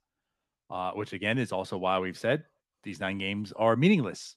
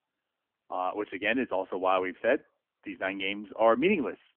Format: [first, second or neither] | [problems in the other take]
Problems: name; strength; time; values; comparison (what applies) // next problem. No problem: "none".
first | phone-call audio; nothing above 3 kHz